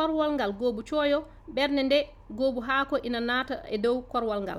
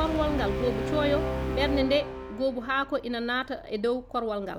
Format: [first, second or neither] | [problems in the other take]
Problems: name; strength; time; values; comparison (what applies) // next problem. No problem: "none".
first | background sound (Brass instrument); 4 dB below the speech